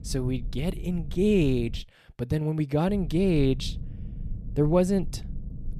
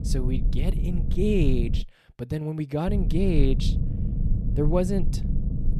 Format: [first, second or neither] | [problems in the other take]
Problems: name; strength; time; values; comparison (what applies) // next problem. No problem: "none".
first | low rumble; loud; until 2 s and from 3 s on; 10 dB below the speech; faint in the first